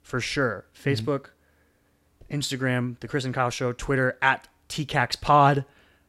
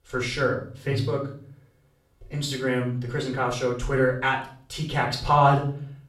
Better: first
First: none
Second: off-mic speech; far // room echo; slight; dies away in 0.4 s

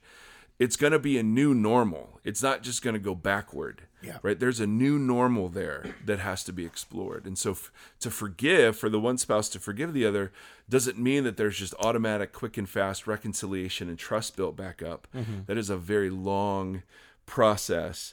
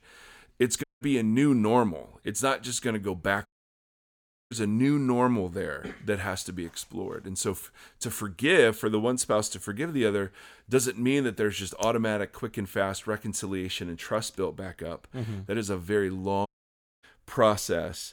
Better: first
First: none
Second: audio cutting out; at 1 s, at 3.5 s for 1 s and at 16 s for 0.5 s

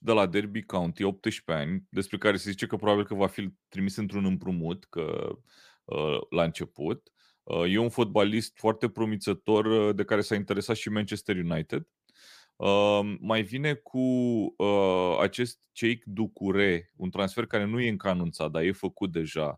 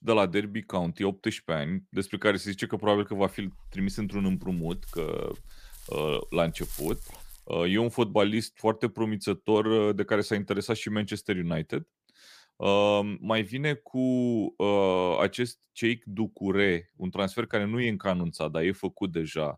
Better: first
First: none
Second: dog barking; faint; from 3.5 to 7.5 s; peak 10 dB below the speech

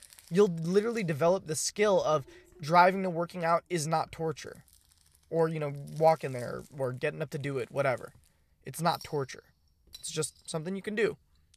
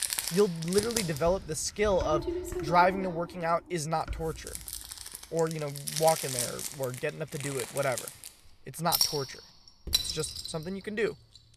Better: first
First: household noises; faint; throughout; 25 dB below the speech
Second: household noises; loud; throughout; 3 dB below the speech

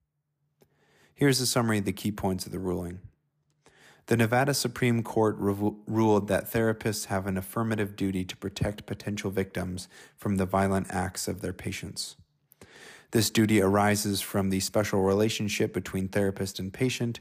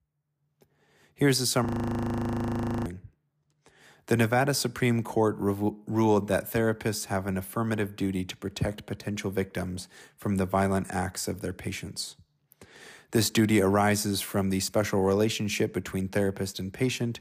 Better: first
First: none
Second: audio freezing; at 1.5 s for 1 s

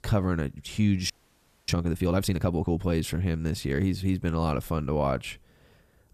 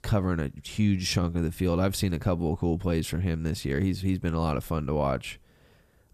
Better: second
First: audio freezing; at 1 s for 0.5 s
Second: none

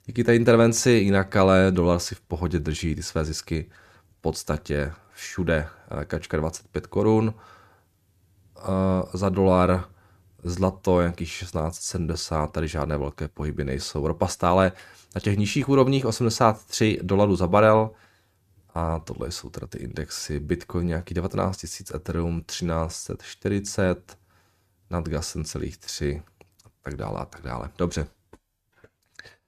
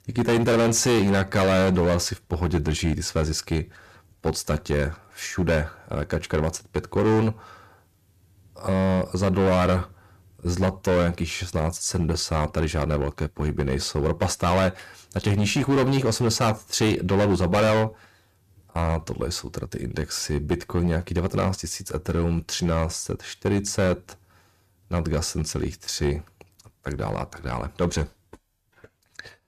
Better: first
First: none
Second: distortion; heavy; 9% of the sound clipped

